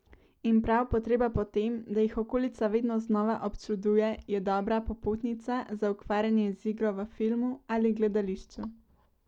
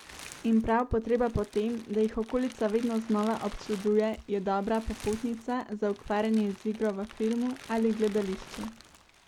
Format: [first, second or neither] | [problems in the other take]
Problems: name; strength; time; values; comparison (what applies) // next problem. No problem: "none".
first | background sound (Crumpling, crinkling); 20 dB below the speech